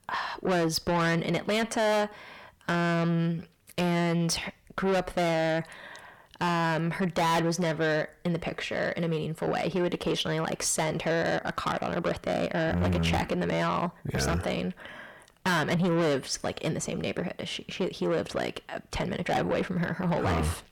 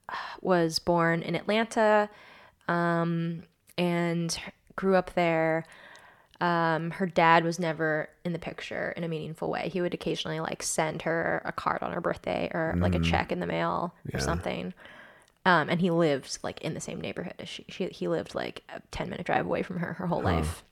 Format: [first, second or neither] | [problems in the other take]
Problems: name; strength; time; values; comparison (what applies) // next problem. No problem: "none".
second | distortion; heavy; 6 dB below the speech